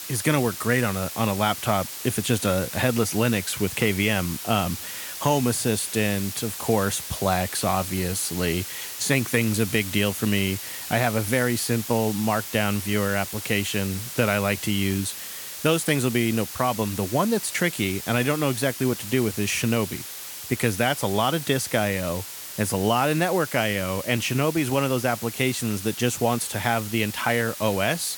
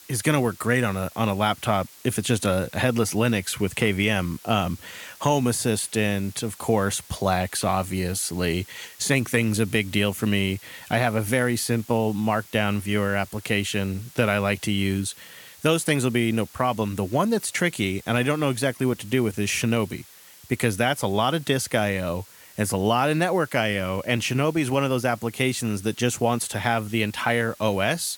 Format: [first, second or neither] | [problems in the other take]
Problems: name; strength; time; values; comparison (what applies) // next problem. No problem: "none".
second | hiss; loud; throughout; 8 dB below the speech; faint in the second